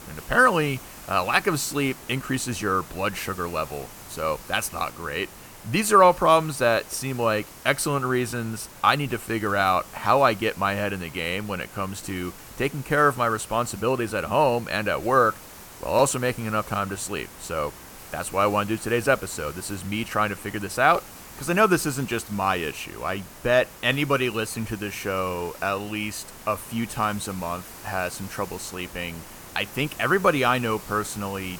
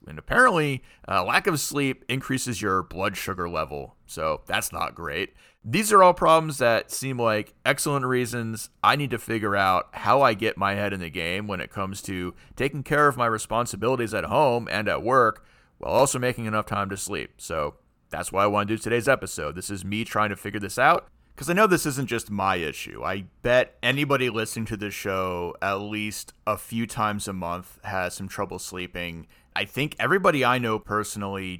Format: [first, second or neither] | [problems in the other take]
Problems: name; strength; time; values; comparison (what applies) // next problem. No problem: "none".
second | hiss; noticeable; throughout; 15 dB below the speech